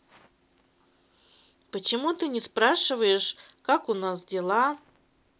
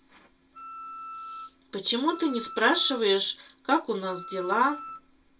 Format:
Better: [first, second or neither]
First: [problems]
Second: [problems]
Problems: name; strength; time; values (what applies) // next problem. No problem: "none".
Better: first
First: none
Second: background sound (Wind instrument, woodwind instrument); 13 dB below the speech // room echo; dies away in 0.2 s